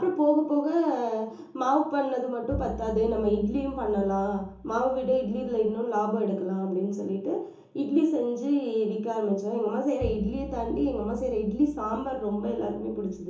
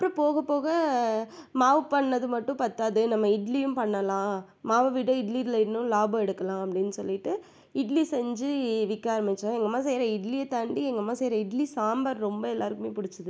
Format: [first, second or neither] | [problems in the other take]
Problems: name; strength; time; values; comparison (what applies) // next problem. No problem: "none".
second | background sound (Bowed string instrument); 13 dB below the speech // room echo; dies away in 1.2 s